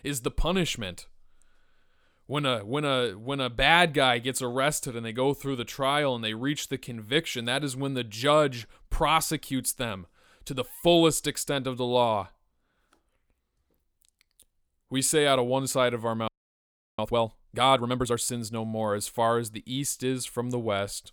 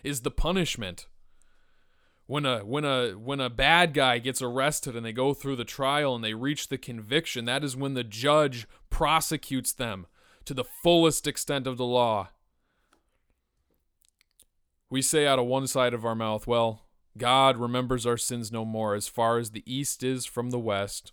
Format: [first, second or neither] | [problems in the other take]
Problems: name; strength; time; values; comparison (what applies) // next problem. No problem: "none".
second | audio freezing; at 16 s for 0.5 s